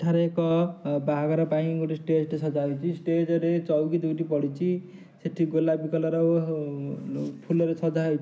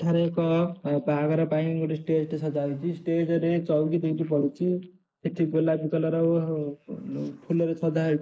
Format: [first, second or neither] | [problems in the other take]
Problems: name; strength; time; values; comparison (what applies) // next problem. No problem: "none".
first | noise reduction (neural mask model Resemble Enhance denoiser)